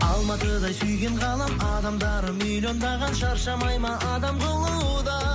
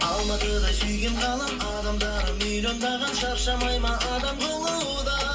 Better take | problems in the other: first | background sound (Clock); 19 dB below the speech // room echo; dies away in 0.2 s

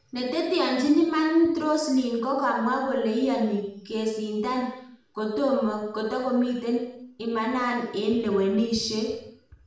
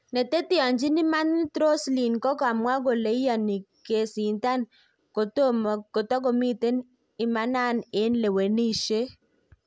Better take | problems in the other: second | room echo; dies away in 0.7 s

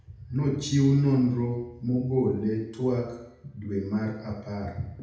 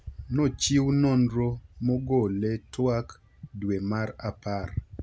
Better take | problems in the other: second | room echo; dies away in 0.8 s

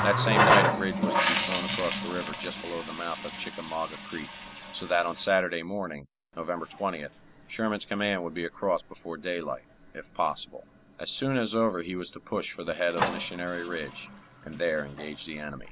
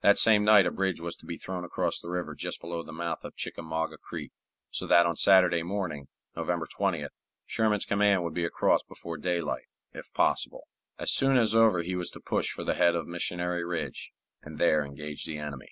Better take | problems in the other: second | background sound (Water tap, faucet); 1 dB below the speech

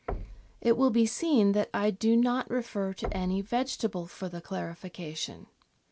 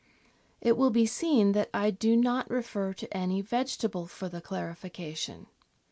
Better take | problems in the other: second | background sound (Knock); 15 dB below the speech

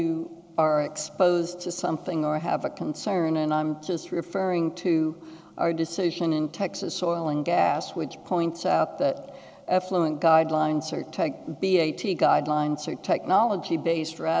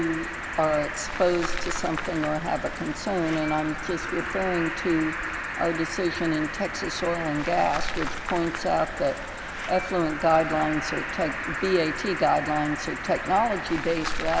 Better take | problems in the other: first | background sound (Cricket); 5 dB below the speech

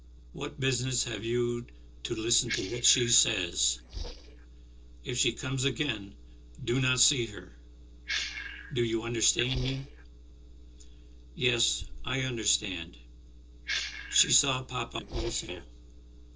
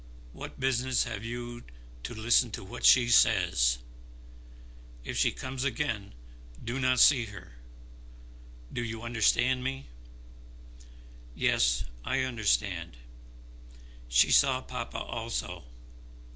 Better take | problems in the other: second | noise reduction (neural separator model SepFormer DNS4)

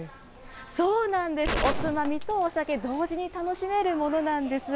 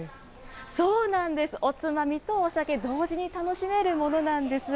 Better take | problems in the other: second | background sound (Gunshot, gunfire); 5 dB below the speech

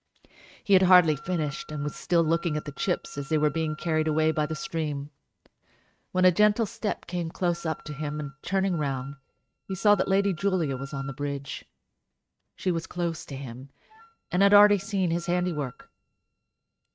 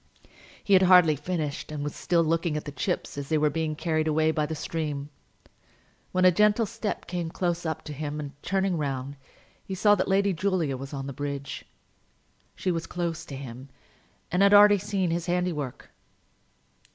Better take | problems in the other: second | noise reduction (neural mask model RNNoise)

